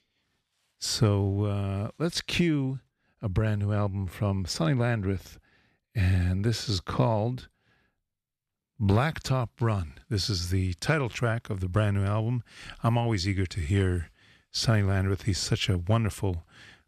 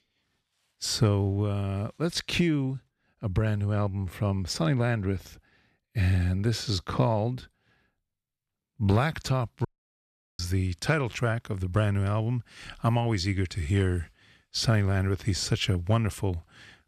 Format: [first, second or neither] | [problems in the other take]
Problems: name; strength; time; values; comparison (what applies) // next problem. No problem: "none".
first | audio cutting out; at 9.5 s for 0.5 s